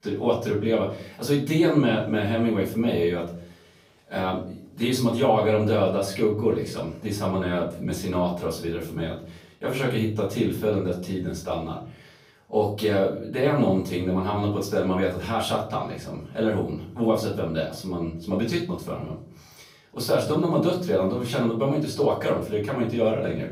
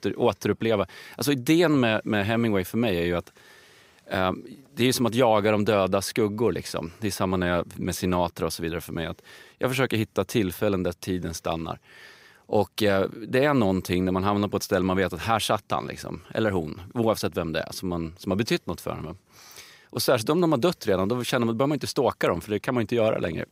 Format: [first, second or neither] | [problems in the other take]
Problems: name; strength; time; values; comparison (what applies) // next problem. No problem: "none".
second | off-mic speech; far // room echo; slight; dies away in 0.5 s